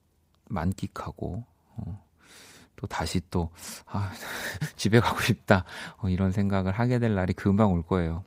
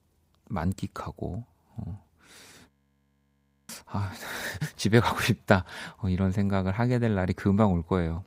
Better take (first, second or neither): first